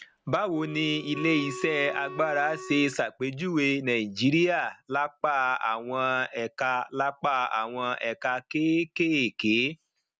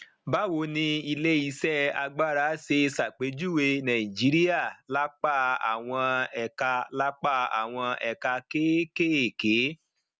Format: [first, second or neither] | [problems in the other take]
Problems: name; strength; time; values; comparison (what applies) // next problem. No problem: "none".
second | background sound (Wind instrument, woodwind instrument); 13 dB below the speech